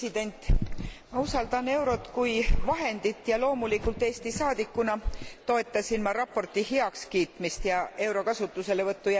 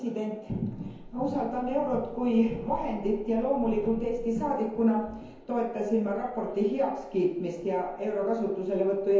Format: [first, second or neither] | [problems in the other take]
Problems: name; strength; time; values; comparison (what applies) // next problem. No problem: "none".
first | room echo; dies away in 0.9 s